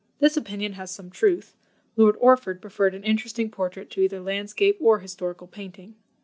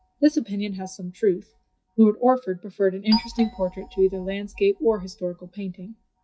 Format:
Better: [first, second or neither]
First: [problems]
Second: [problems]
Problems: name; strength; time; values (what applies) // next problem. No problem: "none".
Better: first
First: none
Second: noise reduction (classical method WPE with log-MMSE)